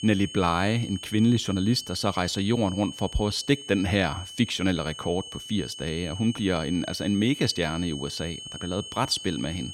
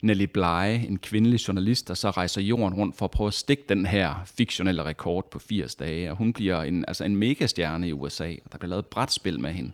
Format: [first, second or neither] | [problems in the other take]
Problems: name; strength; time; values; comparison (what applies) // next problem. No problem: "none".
second | high-pitched whine; noticeable; throughout; 3 kHz, 10 dB below the speech